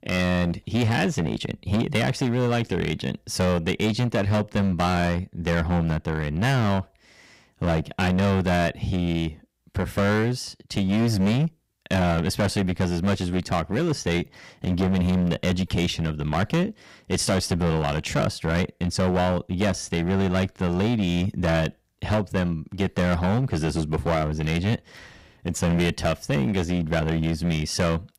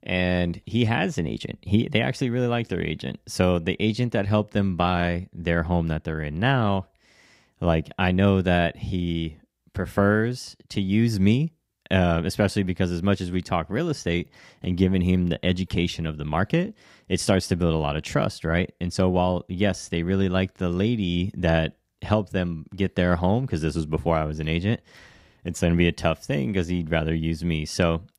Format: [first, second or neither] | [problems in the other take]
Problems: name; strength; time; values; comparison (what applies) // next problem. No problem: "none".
second | distortion; heavy; 14% of the sound clipped